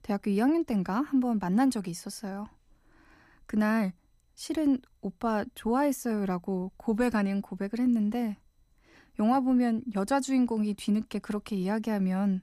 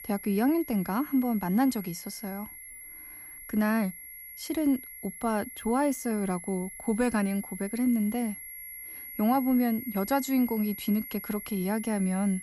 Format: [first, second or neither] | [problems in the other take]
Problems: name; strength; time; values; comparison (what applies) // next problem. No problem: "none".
first | high-pitched whine; noticeable; throughout; 11.5 kHz, 10 dB below the speech